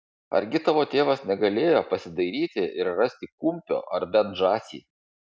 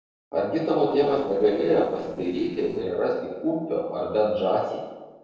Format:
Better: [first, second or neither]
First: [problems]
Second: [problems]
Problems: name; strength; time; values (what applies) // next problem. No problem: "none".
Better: first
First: none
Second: noise reduction (neural separator model SepFormer DNS4)